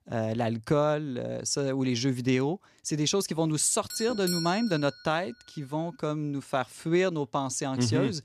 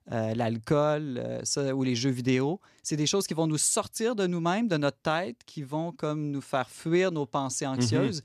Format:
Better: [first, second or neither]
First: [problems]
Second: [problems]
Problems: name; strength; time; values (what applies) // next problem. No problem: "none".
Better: second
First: doorbell; noticeable; at 4 s; peak 4 dB below the speech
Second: none